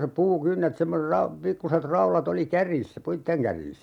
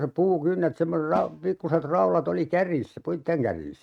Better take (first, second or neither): first